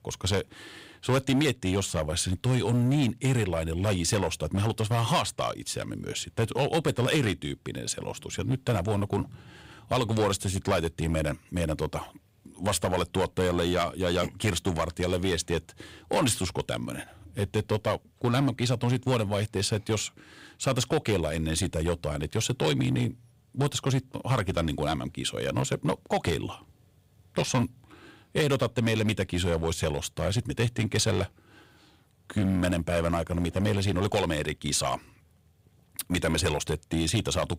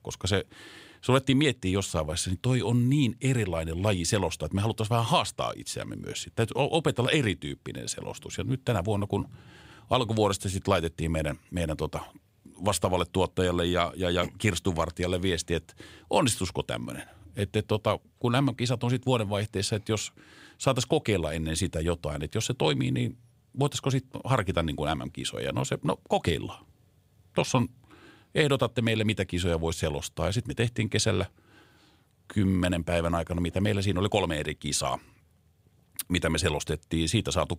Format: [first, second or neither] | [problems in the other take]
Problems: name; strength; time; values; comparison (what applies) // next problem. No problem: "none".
second | distortion; slight; 5% of the sound clipped